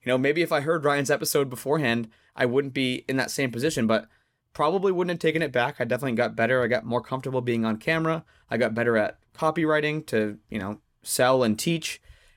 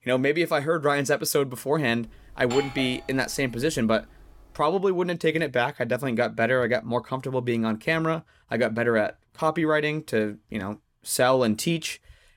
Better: first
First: none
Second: doorbell; noticeable; from 2 to 4.5 s; peak 8 dB below the speech

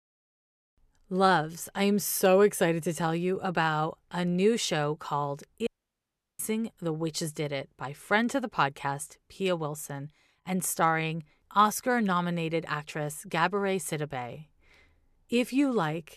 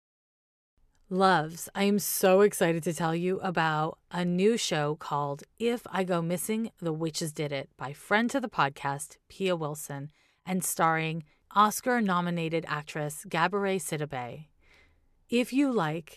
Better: second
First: audio cutting out; at 5.5 s for 0.5 s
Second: none

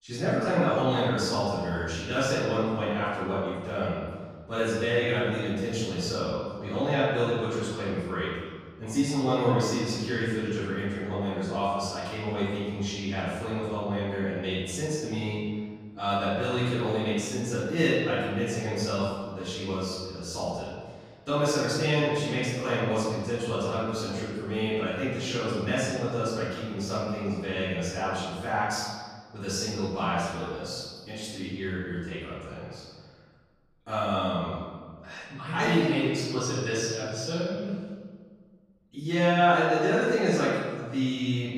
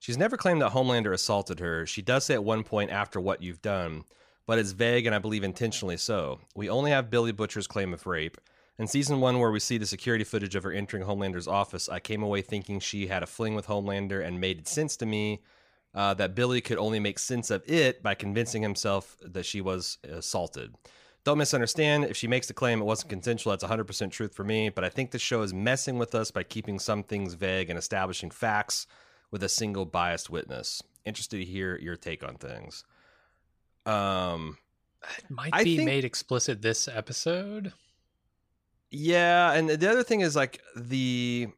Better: second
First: off-mic speech; far // room echo; strong; dies away in 1.5 s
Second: none

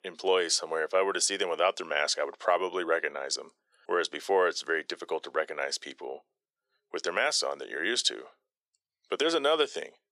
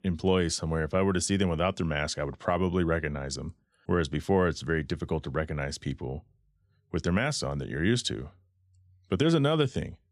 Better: second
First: thin; very; fading below 450 Hz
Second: none

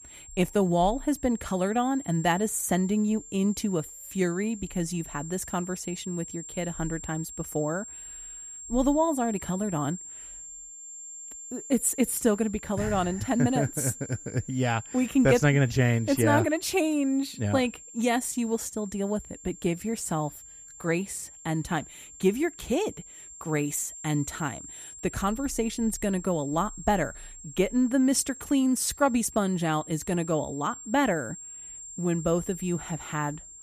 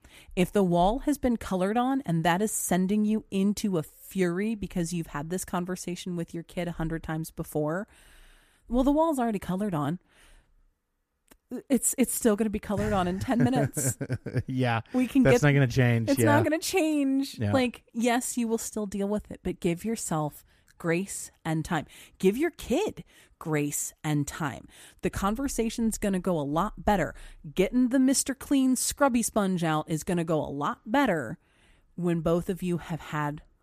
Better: second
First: high-pitched whine; noticeable; throughout; 7.5 kHz, 15 dB below the speech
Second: none

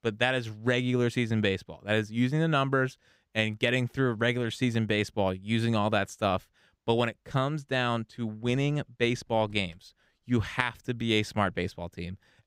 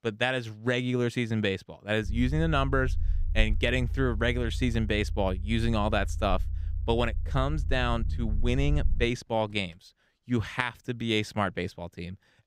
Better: first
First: none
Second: low rumble; faint; from 2 to 9 s; 25 dB below the speech

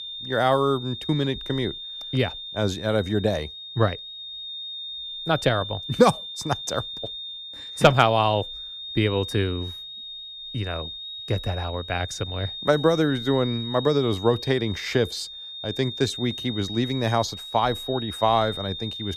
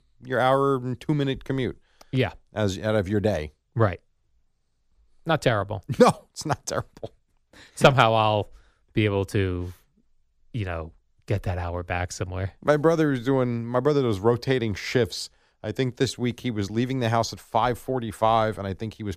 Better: second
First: high-pitched whine; loud; throughout; 3.5 kHz, 9 dB below the speech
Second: none

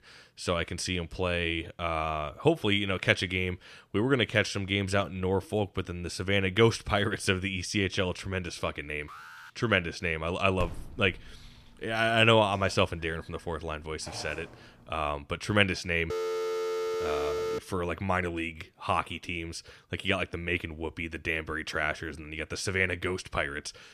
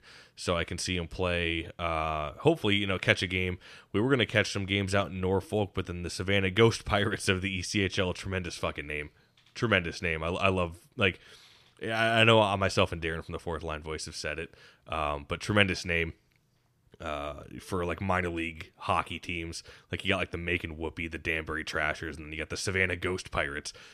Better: second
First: alarm; faint; at 9 s; peak 15 dB below the speech // phone ringing; faint; from 11 to 14 s; peak 10 dB below the speech // phone ringing; noticeable; from 16 to 18 s; peak 2 dB below the speech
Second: none

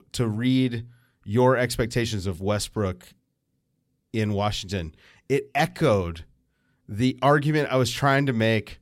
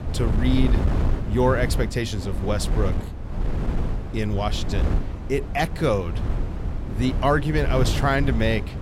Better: first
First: none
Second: wind noise on the microphone; occasional gusts; 10 dB below the speech

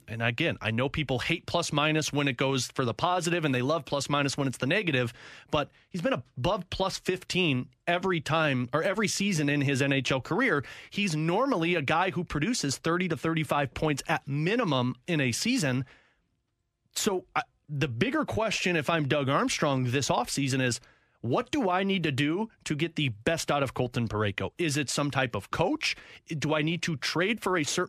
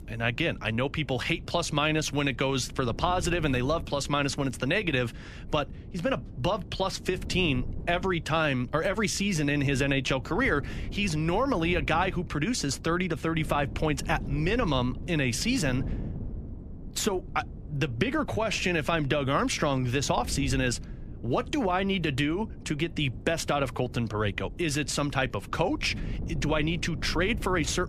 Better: first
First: none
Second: wind noise on the microphone; occasional gusts; 20 dB below the speech

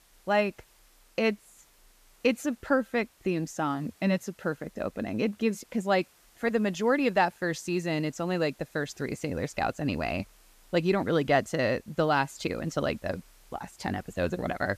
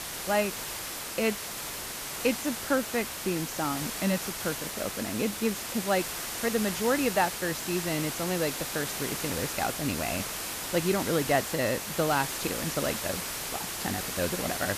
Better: first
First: hiss; faint; throughout; 30 dB below the speech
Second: hiss; loud; throughout; 3 dB below the speech

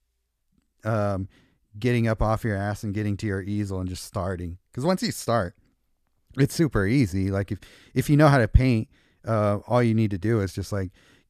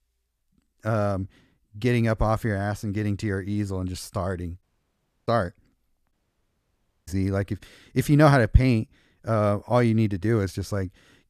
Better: first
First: none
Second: audio cutting out; at 4.5 s for 0.5 s and at 6 s for 1 s

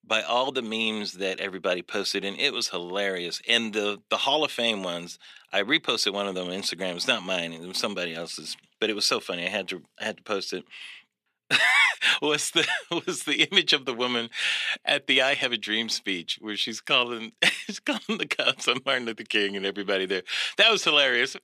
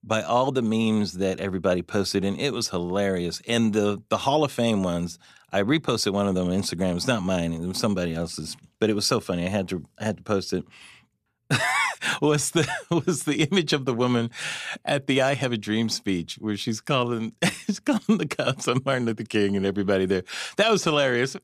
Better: second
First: thin; somewhat; fading below 300 Hz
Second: none

